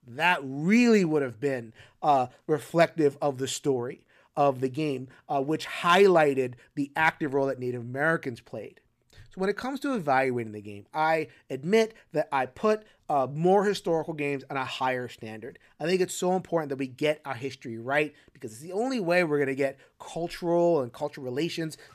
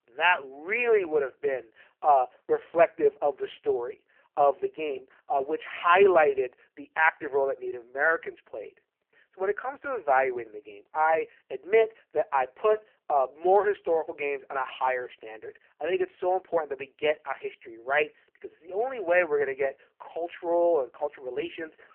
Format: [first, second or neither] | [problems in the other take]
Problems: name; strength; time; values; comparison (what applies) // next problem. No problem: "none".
first | phone-call audio; poor line; nothing above 3 kHz